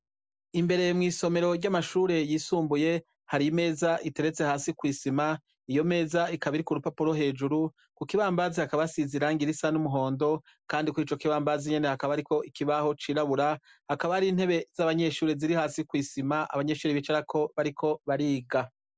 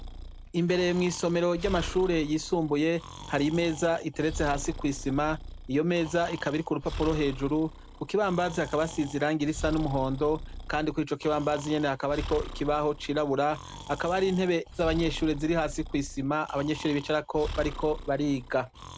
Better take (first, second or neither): first